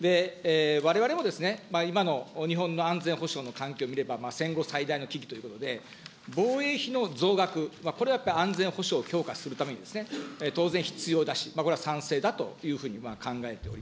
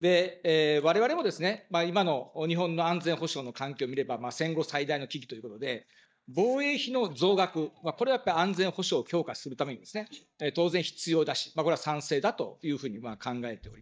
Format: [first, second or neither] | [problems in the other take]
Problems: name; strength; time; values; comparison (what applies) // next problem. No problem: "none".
first | noise reduction (neural mask model DeepFilterNet 3)